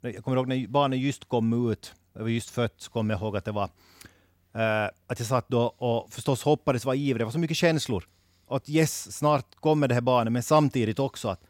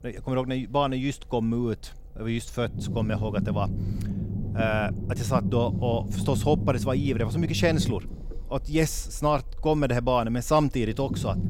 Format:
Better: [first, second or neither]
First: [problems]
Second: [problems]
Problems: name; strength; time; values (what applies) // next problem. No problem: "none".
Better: first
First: none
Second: low rumble; noticeable; throughout; 10 dB below the speech